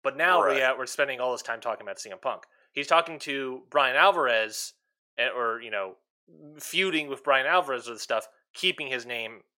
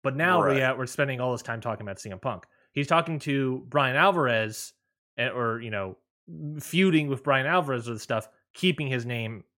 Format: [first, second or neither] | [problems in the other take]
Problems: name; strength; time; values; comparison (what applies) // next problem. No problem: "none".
second | thin; very; fading below 550 Hz